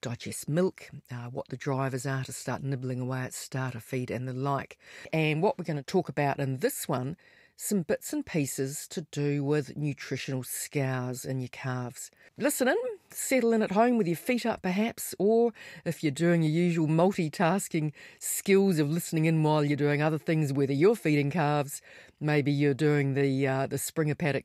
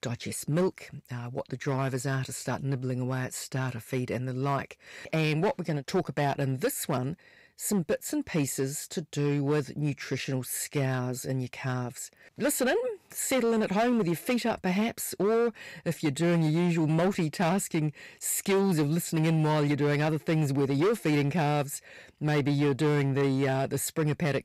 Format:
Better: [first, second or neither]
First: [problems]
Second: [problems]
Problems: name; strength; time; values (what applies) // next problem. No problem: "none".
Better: first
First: none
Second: distortion; slight; 9% of the sound clipped